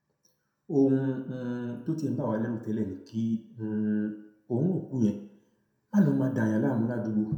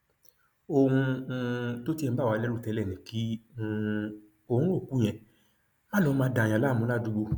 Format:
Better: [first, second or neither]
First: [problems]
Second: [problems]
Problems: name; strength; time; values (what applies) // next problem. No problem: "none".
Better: second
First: room echo; dies away in 0.6 s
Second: none